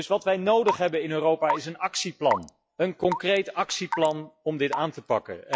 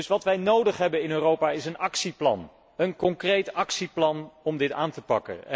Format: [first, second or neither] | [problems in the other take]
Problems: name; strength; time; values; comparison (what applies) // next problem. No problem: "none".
second | noise reduction (classical method log-MMSE)